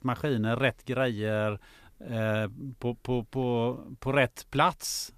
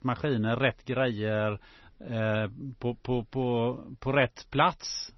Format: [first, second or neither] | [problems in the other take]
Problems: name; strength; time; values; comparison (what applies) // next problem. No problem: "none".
first | garbled, watery; slightly; nothing above 6 kHz